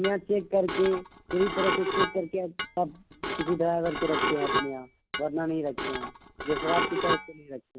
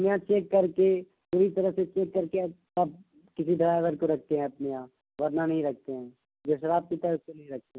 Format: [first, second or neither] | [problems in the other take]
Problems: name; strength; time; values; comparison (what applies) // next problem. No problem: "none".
second | background sound (Dishes, pots, and pans / Glass); 3 dB below the speech